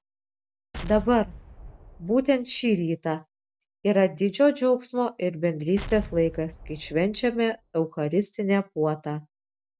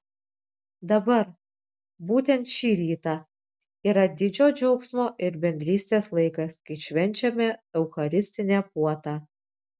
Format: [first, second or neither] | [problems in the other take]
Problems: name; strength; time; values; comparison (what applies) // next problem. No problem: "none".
second | background sound (Explosion); 14 dB below the speech